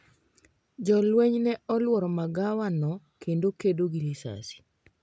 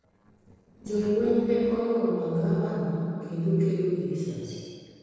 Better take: first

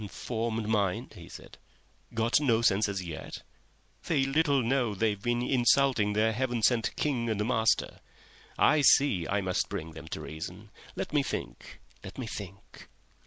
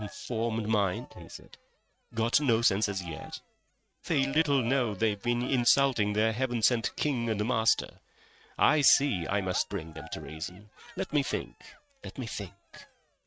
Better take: first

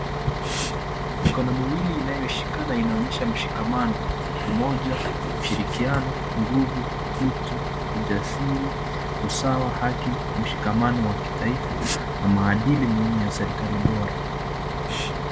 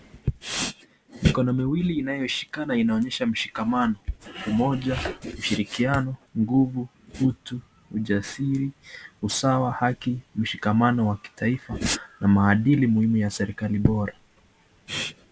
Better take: second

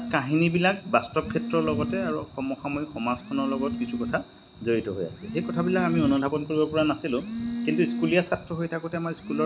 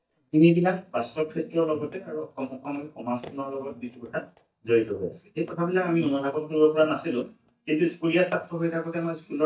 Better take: first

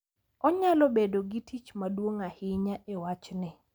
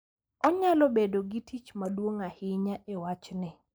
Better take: first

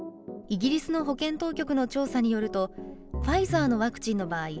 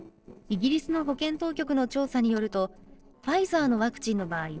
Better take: first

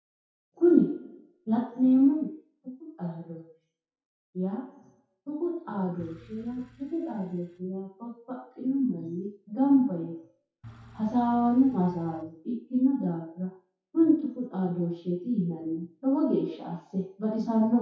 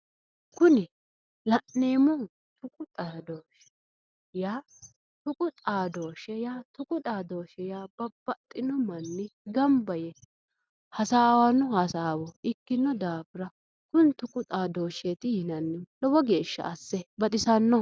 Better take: second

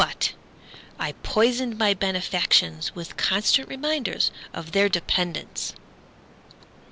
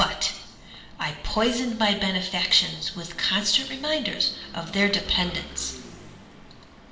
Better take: first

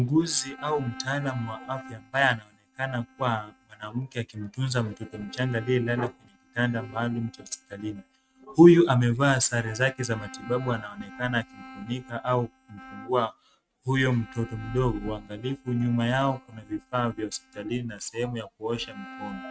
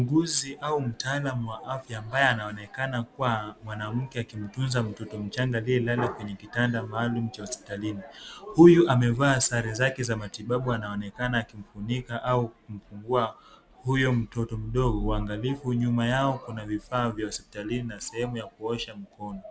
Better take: second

